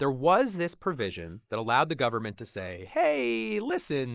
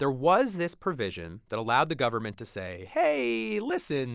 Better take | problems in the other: second | noise reduction (neural mask model Resemble Enhance denoiser)

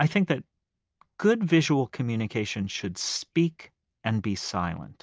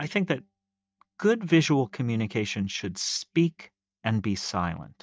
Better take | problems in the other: first | noise reduction (neural mask model DeepFilterNet 3)

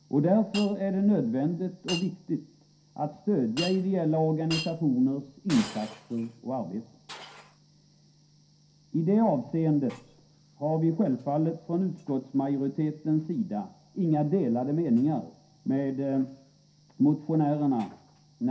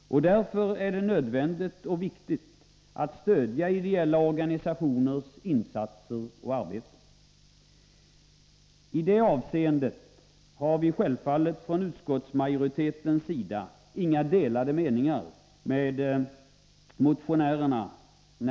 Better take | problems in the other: second | background sound (Shatter); 18 dB below the speech // room echo; dies away in 0.3 s

